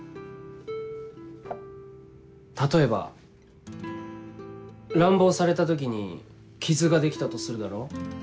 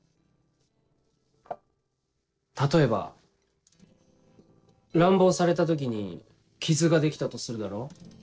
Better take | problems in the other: first | noise reduction (neural separator model SepFormer DNS4)

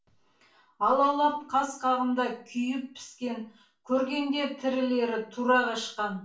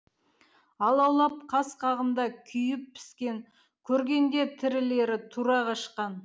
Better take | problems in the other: second | room echo; dies away in 0.3 s

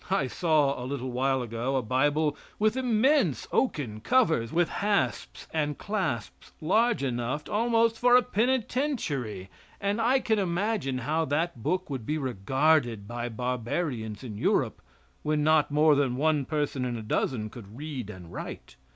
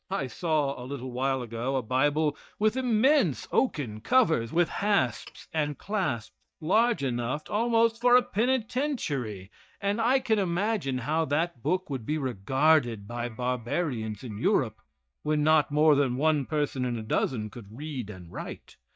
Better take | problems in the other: first | noise reduction (neural mask model DeepFilterNet 3)

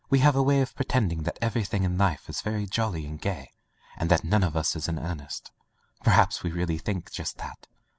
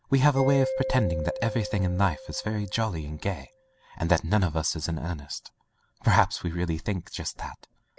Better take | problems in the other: first | background sound (Mallet percussion); 11 dB below the speech

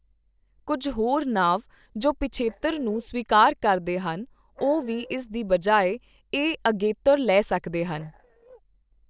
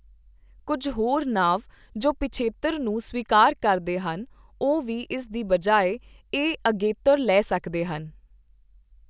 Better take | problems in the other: second | noise reduction (neural separator model SepFormer DNS4)

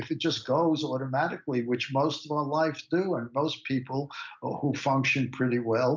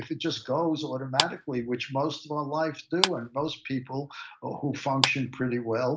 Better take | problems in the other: first | background sound (Clapping); 4 dB below the speech

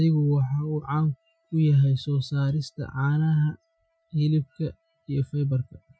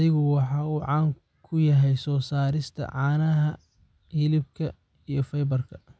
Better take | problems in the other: second | noise reduction (classical method Wiener filter)

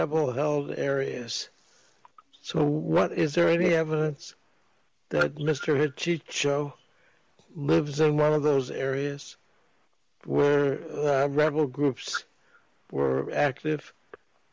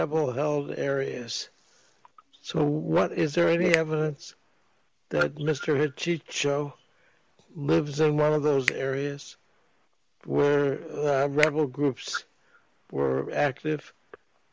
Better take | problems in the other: first | background sound (Finger snapping); 11 dB below the speech

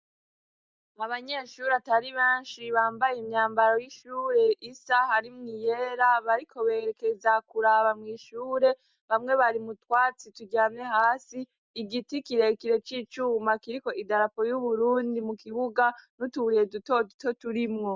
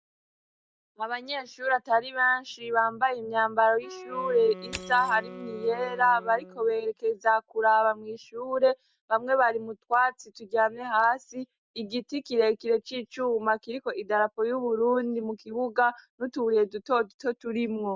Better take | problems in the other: first | background sound (Wind instrument, woodwind instrument + Crushing); 16 dB below the speech

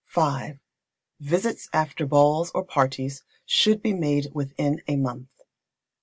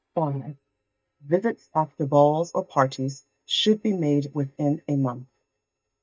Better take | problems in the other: first | noise reduction (neural mask model DeepFilterNet 3)

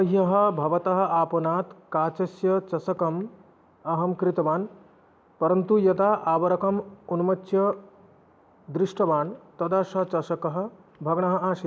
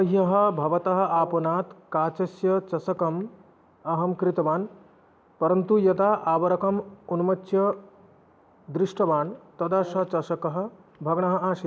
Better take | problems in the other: first | background sound (Brass instrument); 20 dB below the speech

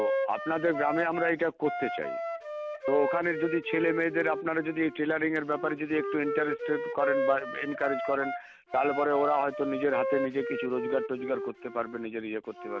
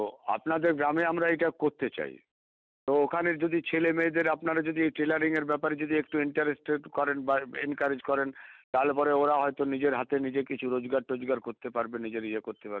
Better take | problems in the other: second | background sound (Wind instrument, woodwind instrument); 4 dB below the speech

